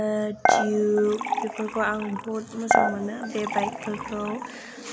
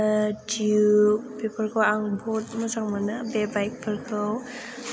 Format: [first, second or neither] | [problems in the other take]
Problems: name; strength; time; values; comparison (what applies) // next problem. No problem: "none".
second | background sound (Dishes, pots, and pans / Chink, clink); as loud as the speech